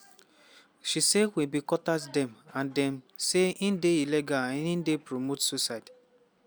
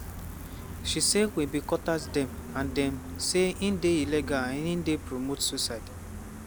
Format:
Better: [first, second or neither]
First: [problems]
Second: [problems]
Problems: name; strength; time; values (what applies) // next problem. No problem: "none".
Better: first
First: none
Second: background sound (Gull, seagull); 10 dB below the speech